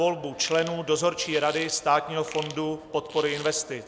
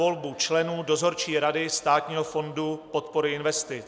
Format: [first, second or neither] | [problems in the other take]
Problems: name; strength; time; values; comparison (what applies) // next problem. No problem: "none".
second | background sound (Fart); 16 dB below the speech